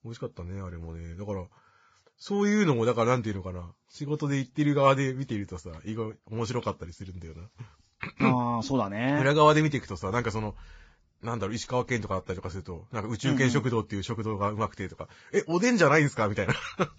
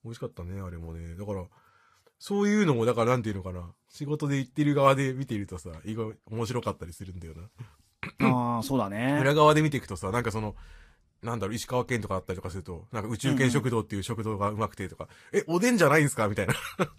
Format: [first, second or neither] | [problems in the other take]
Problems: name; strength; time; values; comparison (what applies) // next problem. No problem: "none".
second | garbled, watery; badly; nothing above 7.5 kHz; slightly in the second